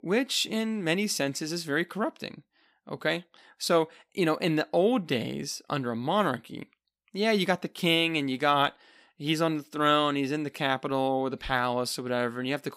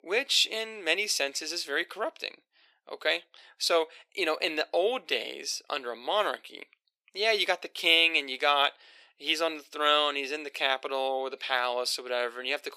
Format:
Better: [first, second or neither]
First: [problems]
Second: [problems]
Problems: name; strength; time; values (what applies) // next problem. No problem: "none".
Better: first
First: none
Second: thin; very; fading below 400 Hz